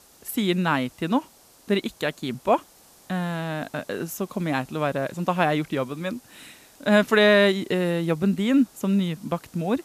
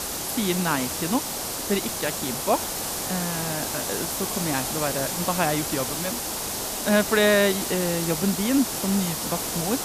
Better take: first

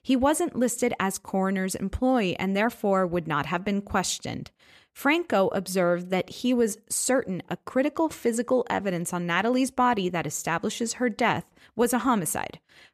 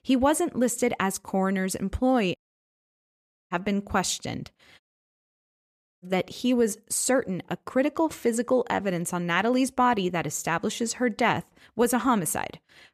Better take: first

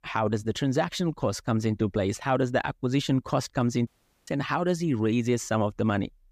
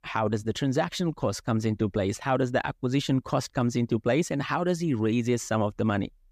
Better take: second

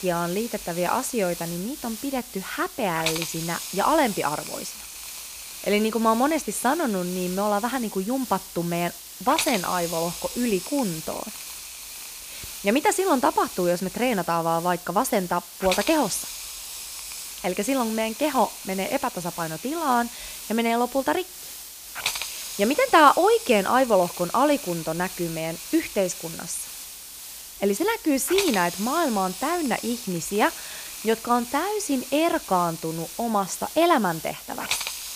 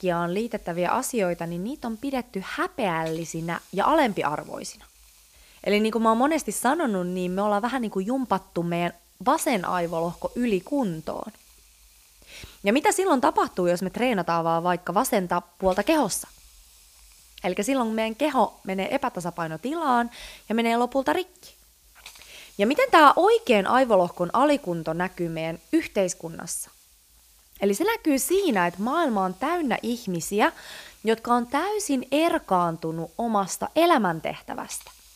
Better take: second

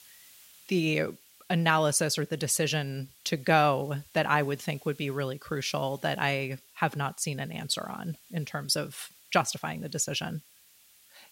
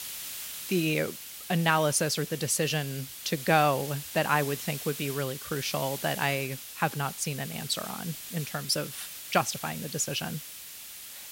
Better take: first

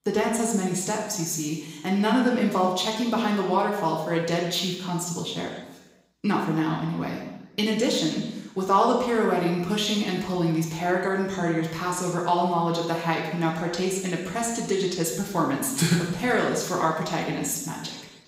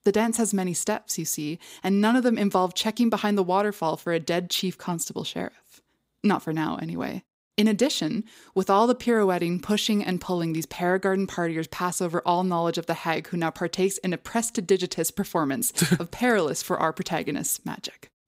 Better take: second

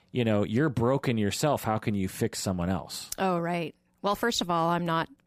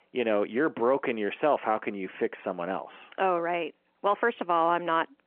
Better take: first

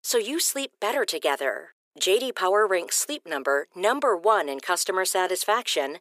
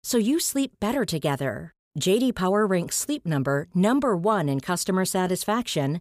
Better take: second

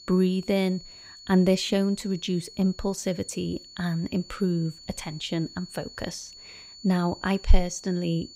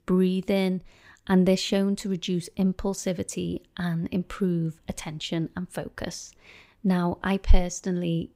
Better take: second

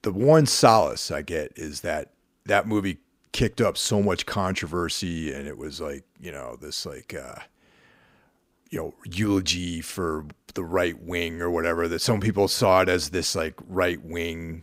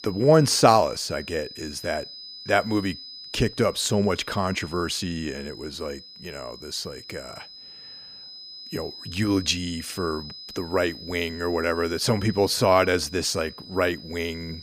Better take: first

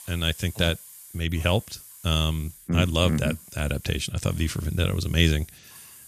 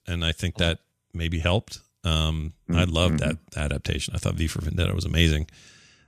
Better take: second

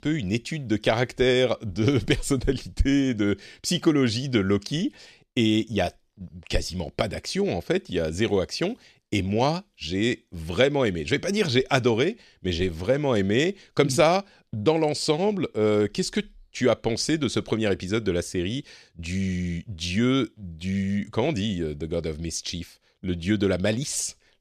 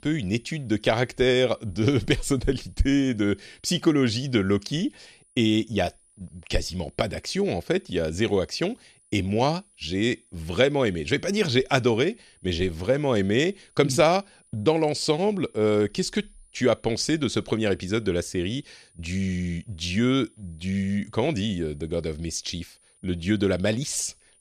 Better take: first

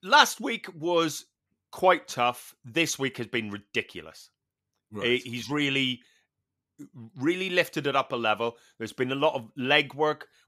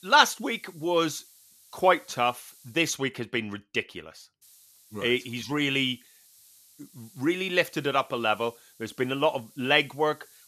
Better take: first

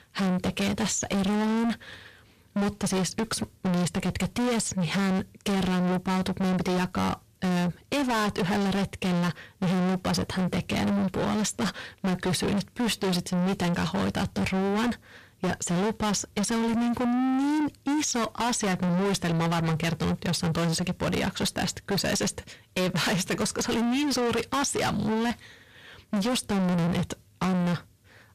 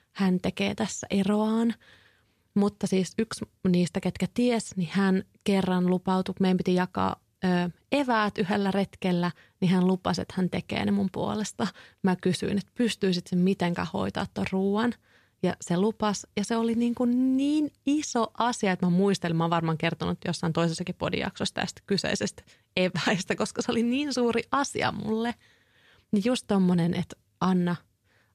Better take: second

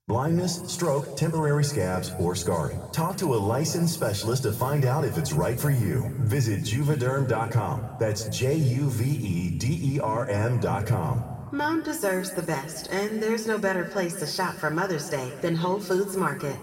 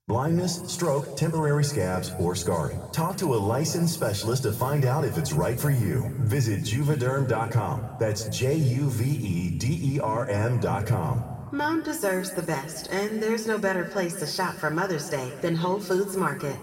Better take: neither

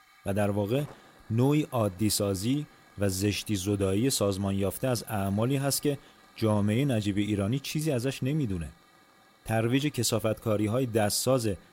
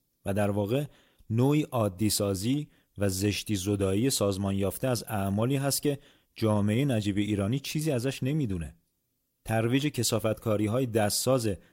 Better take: second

